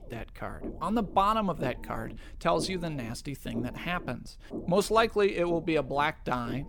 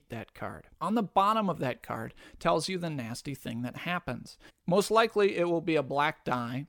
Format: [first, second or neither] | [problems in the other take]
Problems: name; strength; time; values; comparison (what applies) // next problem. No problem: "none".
second | low rumble; noticeable; throughout; 20 dB below the speech